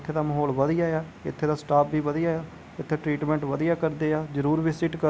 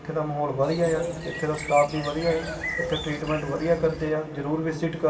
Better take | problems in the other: first | background sound (Bird); 9 dB below the speech // room echo; dies away in 2.5 s

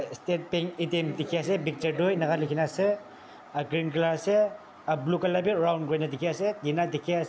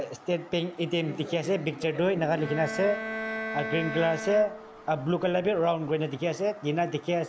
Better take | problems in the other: first | background sound (Bowed string instrument); 9 dB below the speech

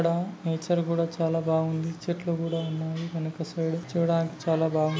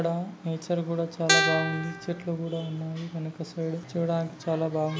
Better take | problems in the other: first | background sound (Guitar); 3 dB above the speech

